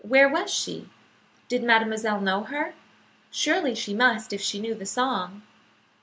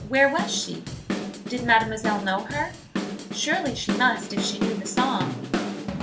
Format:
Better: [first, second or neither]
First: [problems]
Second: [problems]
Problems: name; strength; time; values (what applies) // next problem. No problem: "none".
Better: first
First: none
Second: background sound (Drum / Drum kit); 4 dB below the speech // room echo; dies away in 0.3 s